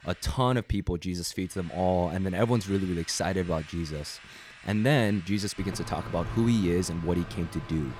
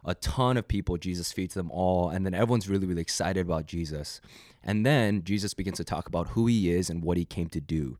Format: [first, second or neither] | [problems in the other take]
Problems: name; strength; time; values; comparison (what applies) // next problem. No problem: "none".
second | machinery noise; noticeable; throughout; 15 dB below the speech